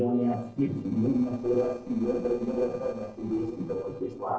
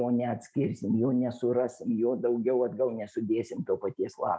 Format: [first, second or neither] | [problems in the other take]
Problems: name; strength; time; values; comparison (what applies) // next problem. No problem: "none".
second | noise reduction (neural separator model SepFormer DNS4)